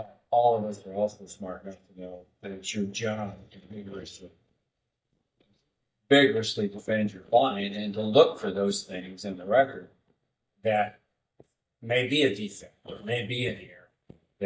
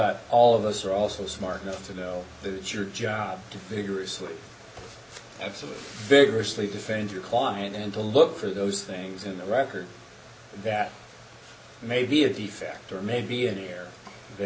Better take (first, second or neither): second